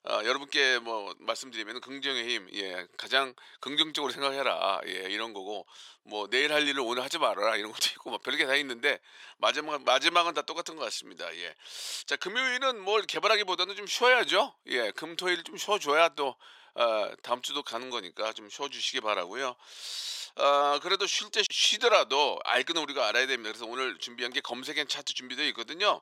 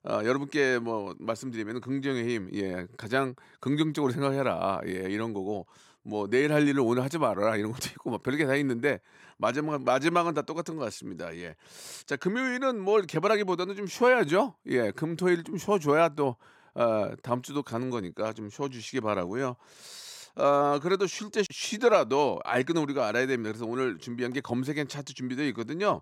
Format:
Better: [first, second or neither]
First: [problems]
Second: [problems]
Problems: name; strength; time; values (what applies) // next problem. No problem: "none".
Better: second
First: thin; somewhat; fading below 600 Hz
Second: none